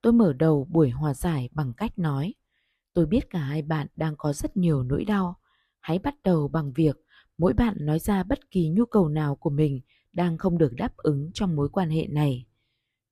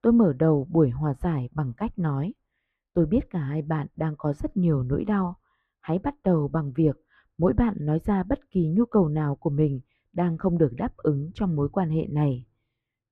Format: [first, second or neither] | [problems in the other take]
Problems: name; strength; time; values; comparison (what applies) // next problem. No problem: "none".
first | muffled; very; fading above 3 kHz